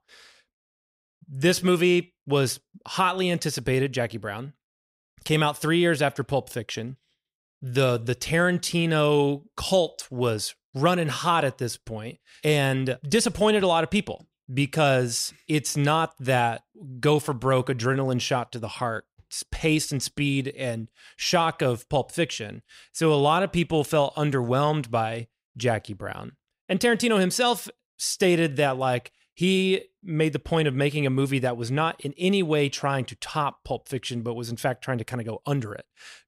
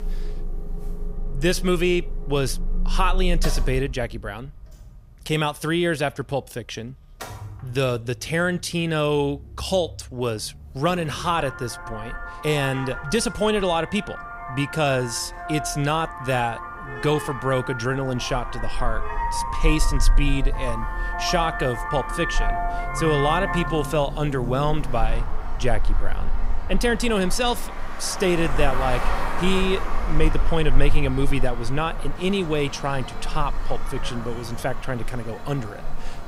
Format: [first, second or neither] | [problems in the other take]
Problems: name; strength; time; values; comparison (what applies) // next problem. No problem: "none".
first | traffic noise; loud; throughout; 6 dB below the speech